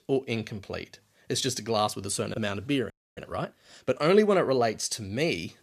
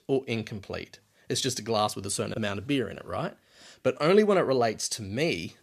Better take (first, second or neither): second